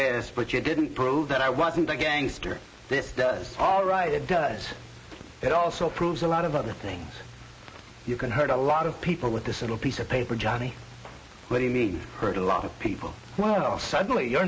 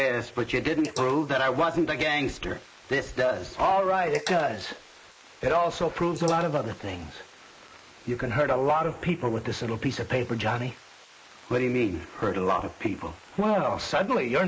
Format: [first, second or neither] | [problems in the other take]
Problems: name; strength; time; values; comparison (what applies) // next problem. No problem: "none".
first | noise reduction (neural mask model Resemble Enhance denoiser)